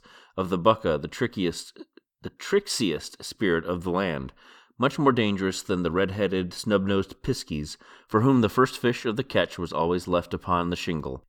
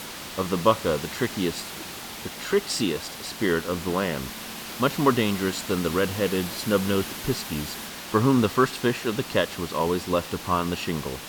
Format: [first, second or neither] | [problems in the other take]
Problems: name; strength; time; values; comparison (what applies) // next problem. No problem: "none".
first | hiss; loud; throughout; 9 dB below the speech